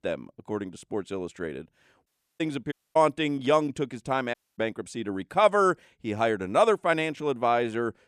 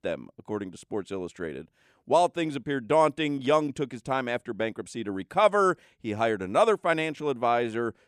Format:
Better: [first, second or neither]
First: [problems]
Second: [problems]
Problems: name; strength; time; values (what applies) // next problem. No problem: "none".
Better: second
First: audio cutting out; at 2 s, at 2.5 s and at 4.5 s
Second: none